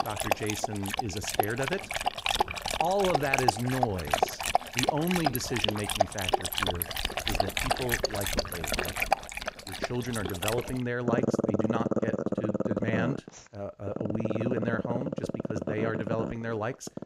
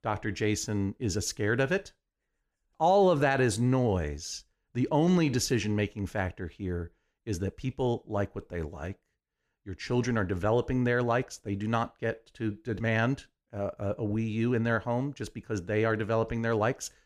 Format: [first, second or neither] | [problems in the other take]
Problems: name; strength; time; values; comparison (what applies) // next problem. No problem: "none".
second | animal sounds; very loud; throughout; 3 dB above the speech